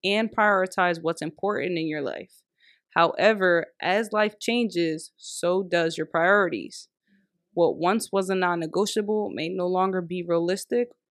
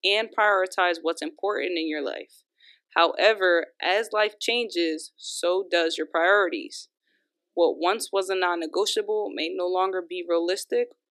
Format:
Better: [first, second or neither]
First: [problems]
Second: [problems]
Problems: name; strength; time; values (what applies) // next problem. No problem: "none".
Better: first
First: none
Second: thin; somewhat; fading below 300 Hz